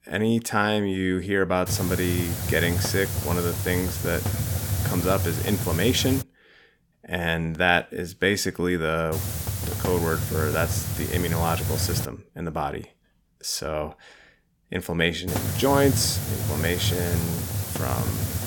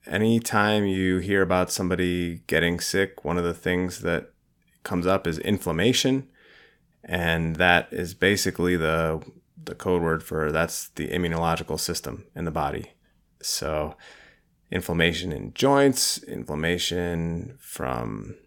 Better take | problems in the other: second | hiss; loud; from 1.5 to 6 s, from 9 to 12 s and from 15 s on; 2 dB below the speech

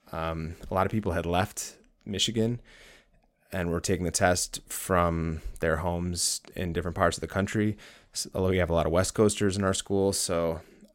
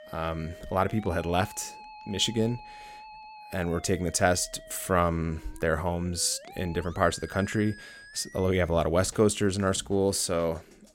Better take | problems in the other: first | background music; noticeable; throughout; 20 dB below the speech

